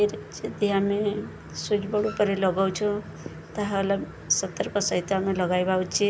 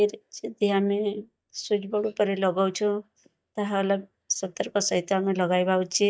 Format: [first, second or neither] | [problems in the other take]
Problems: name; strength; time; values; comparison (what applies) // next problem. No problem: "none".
first | noise reduction (neural mask model DeepFilterNet 3)